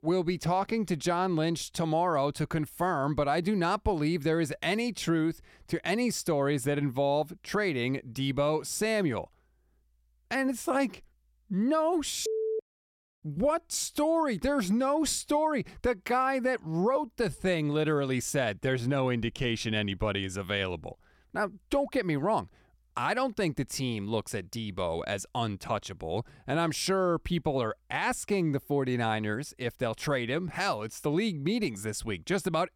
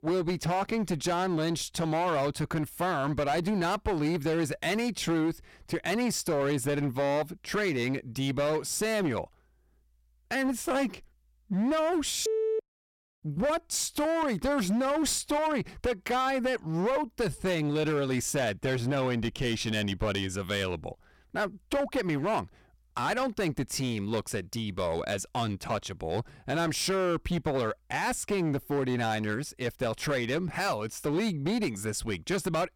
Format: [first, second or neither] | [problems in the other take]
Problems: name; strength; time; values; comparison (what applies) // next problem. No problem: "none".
first | distortion; slight; 14% of the sound clipped